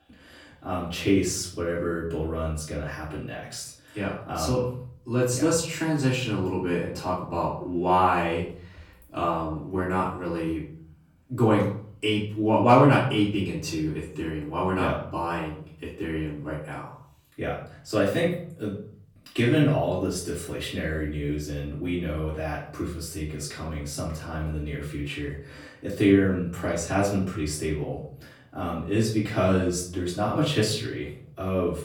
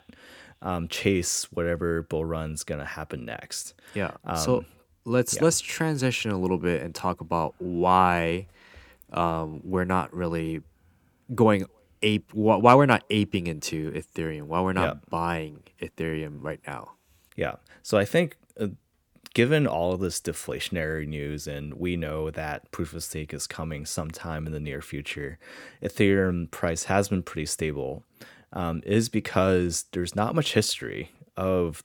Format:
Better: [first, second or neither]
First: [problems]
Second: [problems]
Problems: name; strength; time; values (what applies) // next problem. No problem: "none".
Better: second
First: off-mic speech; far // room echo; noticeable; dies away in 0.6 s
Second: none